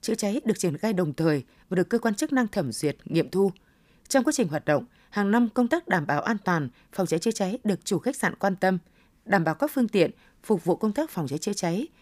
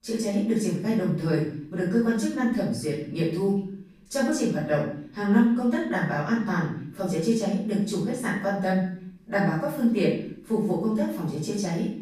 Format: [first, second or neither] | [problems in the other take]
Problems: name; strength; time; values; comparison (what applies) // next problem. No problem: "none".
first | room echo; noticeable; dies away in 0.6 s // off-mic speech; far